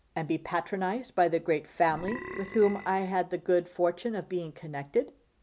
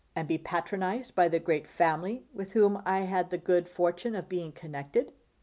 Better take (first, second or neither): second